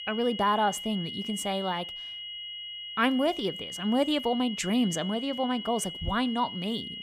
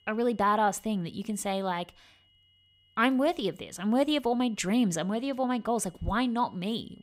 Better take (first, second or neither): second